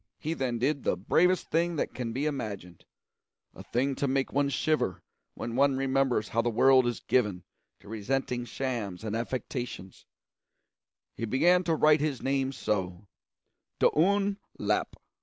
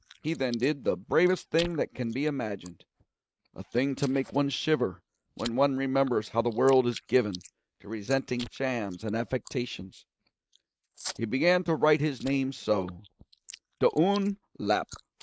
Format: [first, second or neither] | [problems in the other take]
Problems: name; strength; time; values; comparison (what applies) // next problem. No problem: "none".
first | noise reduction (neural mask model RNNoise)